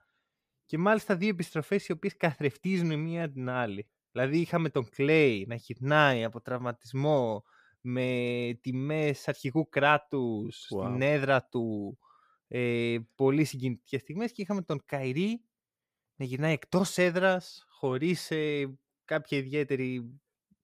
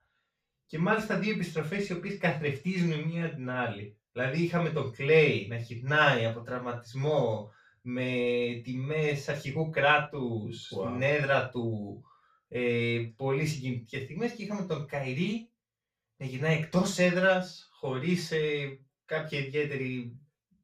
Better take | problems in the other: first | room echo; slight; dies away in 0.3 s // off-mic speech; far

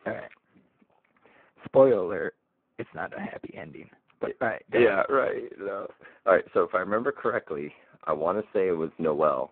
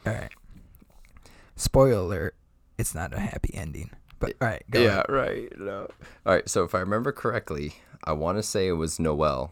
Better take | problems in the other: second | phone-call audio; poor line

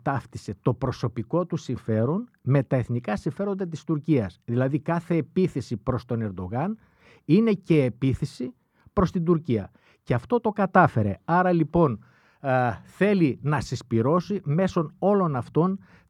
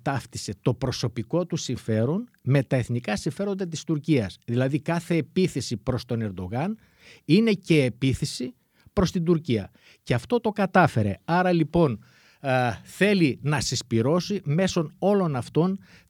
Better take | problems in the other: second | muffled; slightly; fading above 2.5 kHz

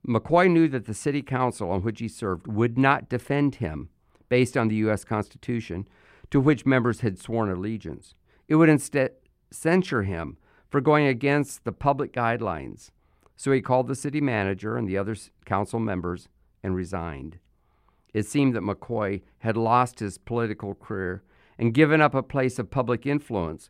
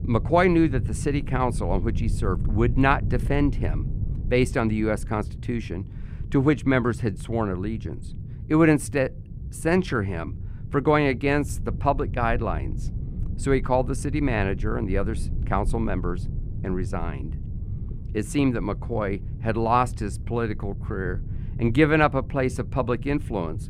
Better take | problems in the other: first | low rumble; noticeable; throughout; 20 dB below the speech

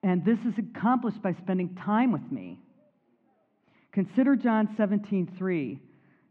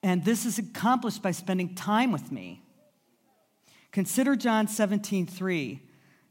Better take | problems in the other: second | muffled; very; fading above 2 kHz

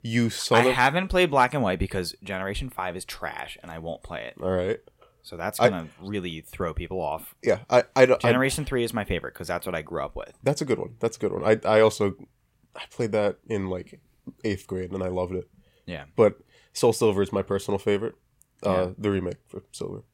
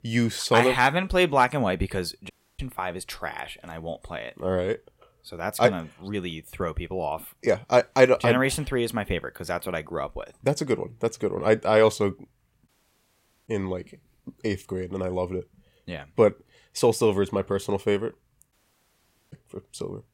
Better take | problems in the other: first | audio cutting out; at 2.5 s, at 13 s for 1 s and at 19 s for 1 s

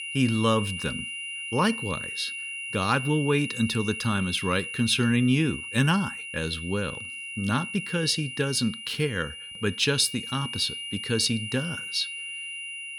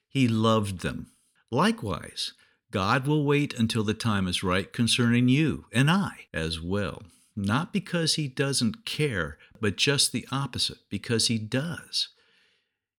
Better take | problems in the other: second | high-pitched whine; loud; throughout; 3 kHz, 7 dB below the speech

